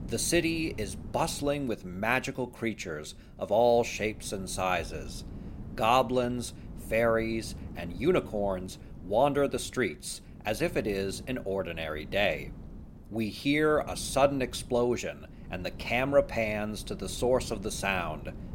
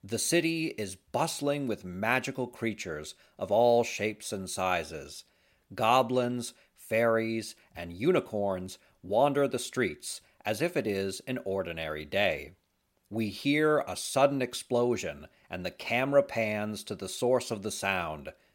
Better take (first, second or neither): second